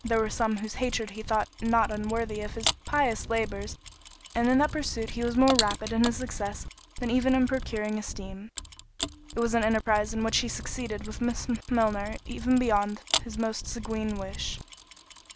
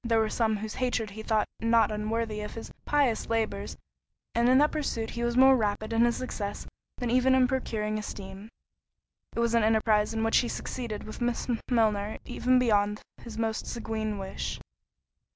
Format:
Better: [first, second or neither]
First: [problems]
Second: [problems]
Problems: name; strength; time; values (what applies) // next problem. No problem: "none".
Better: second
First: background sound (Mechanisms); 11 dB below the speech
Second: none